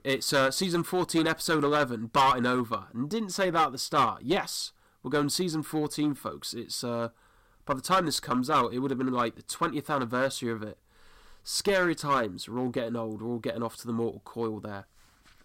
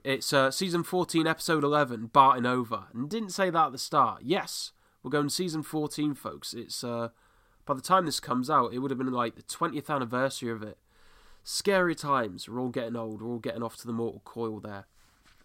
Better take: second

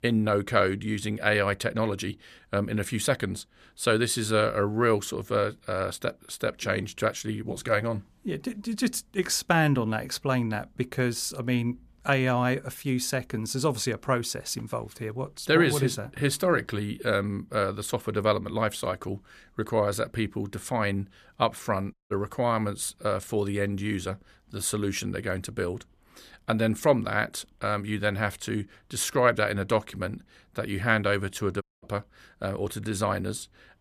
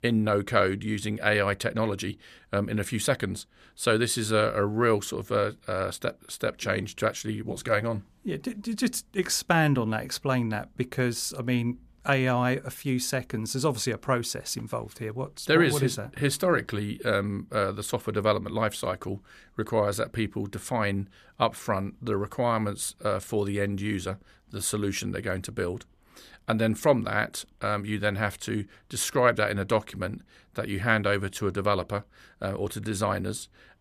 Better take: second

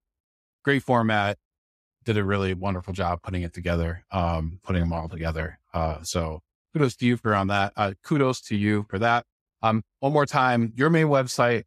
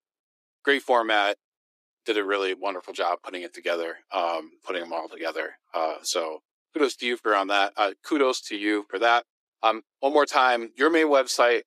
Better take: first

